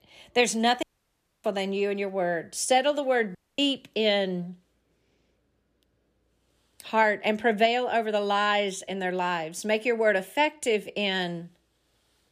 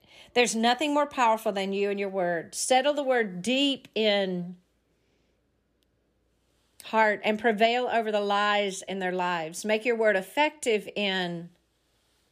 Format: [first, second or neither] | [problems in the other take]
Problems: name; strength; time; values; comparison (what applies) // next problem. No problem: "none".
second | audio cutting out; at 1 s for 0.5 s and at 3.5 s